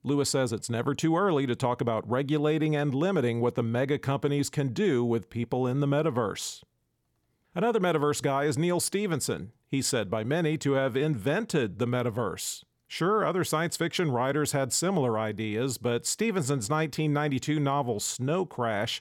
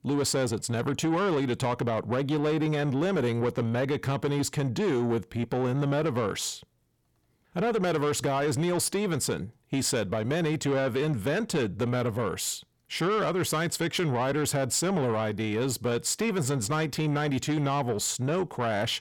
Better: first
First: none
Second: distortion; slight; 10 dB below the speech

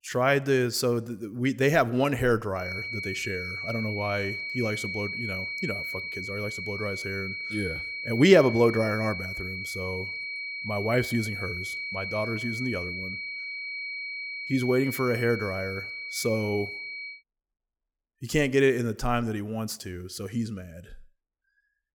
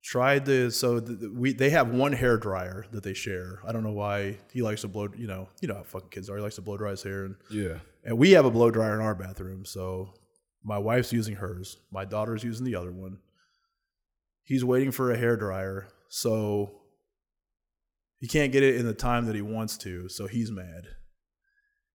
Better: second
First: high-pitched whine; loud; from 2.5 to 17 s; 2.5 kHz, 5 dB below the speech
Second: none

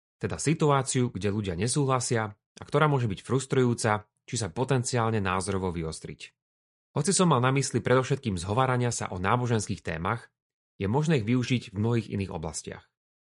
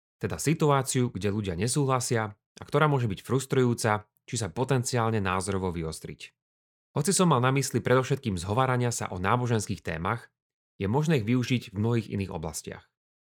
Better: second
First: garbled, watery; slightly; nothing above 10 kHz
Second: none

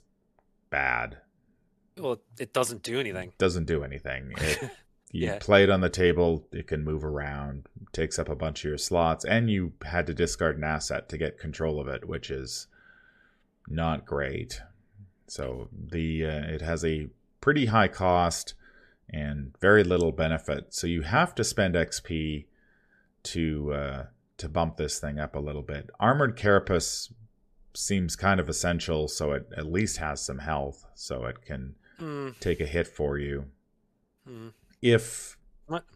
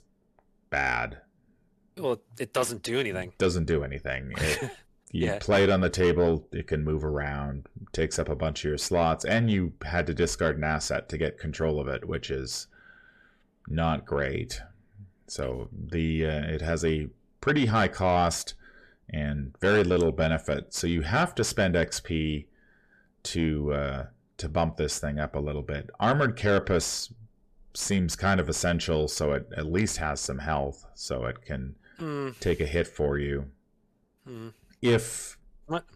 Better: first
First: none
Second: distortion; slight; 10 dB below the speech

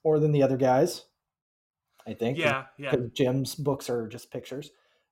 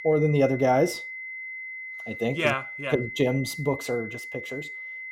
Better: first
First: none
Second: high-pitched whine; noticeable; throughout; 2 kHz, 10 dB below the speech

